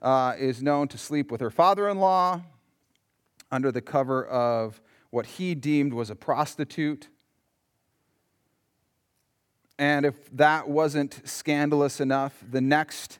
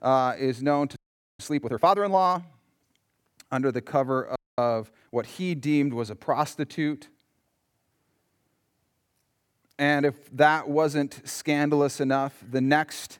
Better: first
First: none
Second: audio freezing; at 1 s and at 4.5 s

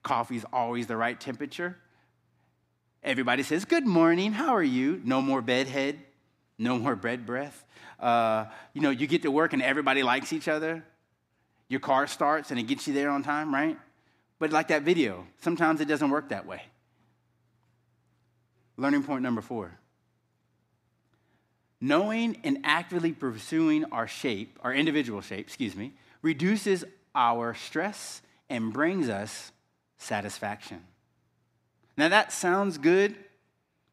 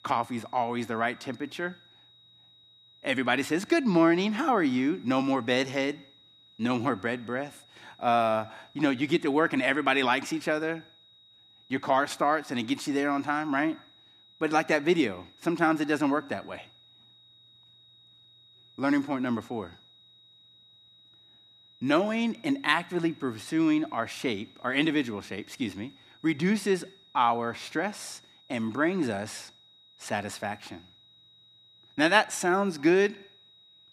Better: first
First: none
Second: high-pitched whine; faint; throughout; 4 kHz, 30 dB below the speech

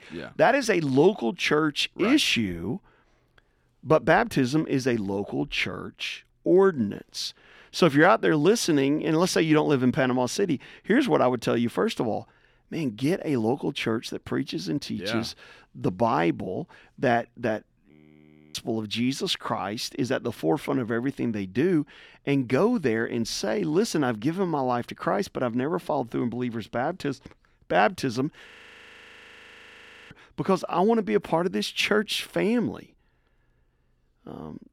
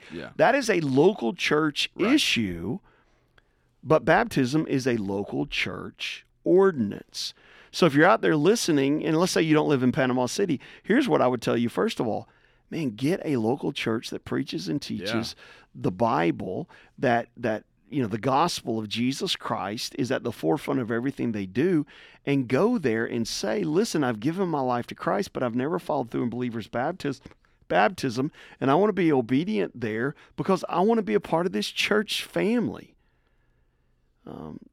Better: second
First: audio freezing; at 18 s for 0.5 s and at 28 s for 1.5 s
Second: none

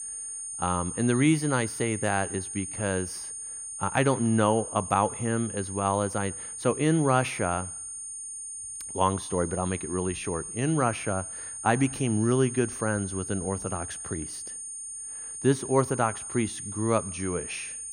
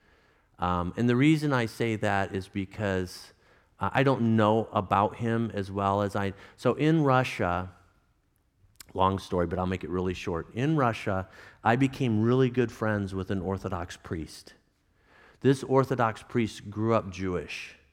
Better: second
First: high-pitched whine; loud; throughout; 9 kHz, 7 dB below the speech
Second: none

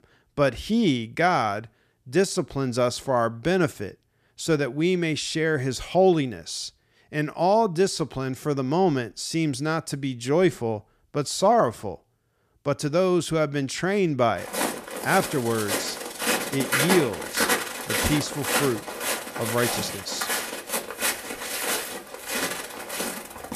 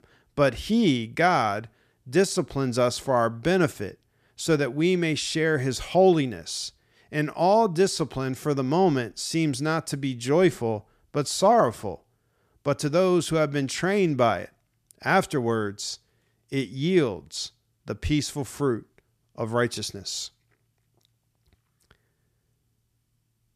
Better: second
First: footsteps; loud; from 14 s on; peak 3 dB above the speech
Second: none

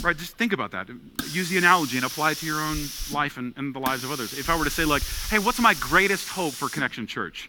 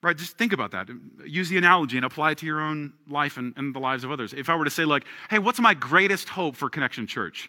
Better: second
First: hiss; loud; throughout; 8 dB below the speech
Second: none

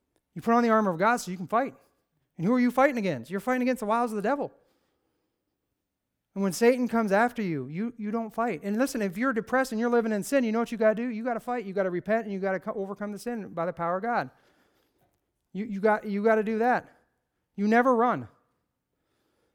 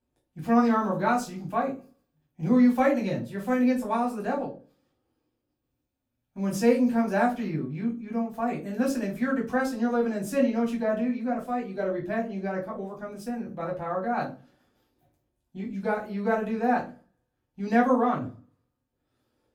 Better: first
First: none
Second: room echo; slight; dies away in 0.3 s // off-mic speech; far

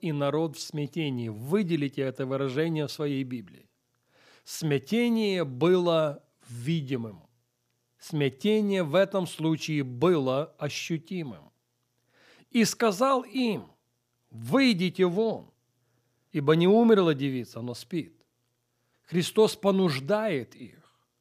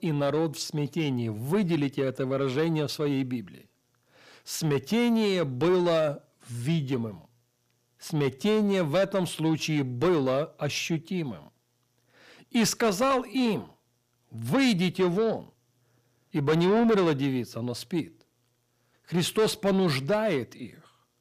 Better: first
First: none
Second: distortion; slight; 10 dB below the speech

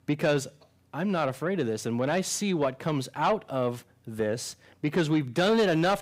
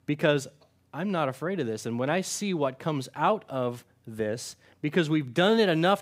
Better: second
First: distortion; slight; 10 dB below the speech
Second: none

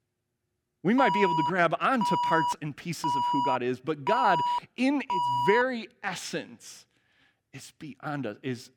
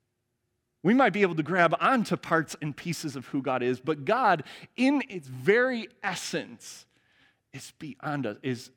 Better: second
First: alarm; loud; from 1 to 5.5 s; peak 2 dB above the speech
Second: none

